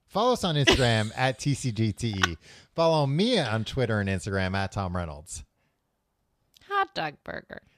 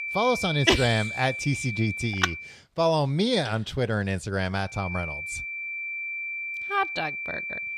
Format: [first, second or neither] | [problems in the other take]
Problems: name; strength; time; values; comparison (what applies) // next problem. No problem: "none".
first | high-pitched whine; loud; until 2.5 s and from 5 s on; 2.5 kHz, 5 dB below the speech